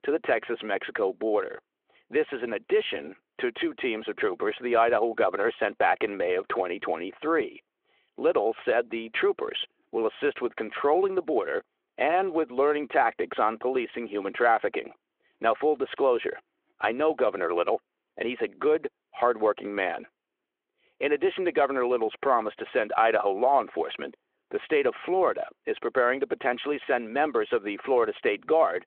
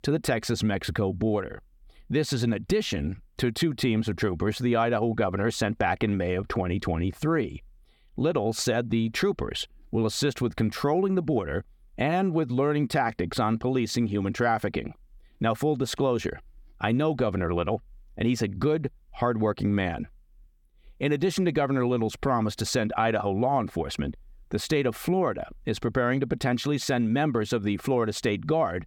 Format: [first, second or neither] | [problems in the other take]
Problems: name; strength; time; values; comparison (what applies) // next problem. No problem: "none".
second | phone-call audio